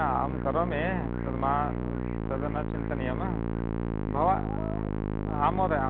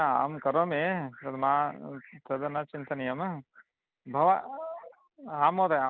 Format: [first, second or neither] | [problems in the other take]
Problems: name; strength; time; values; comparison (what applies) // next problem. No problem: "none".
second | background sound (Musical instrument); 1 dB above the speech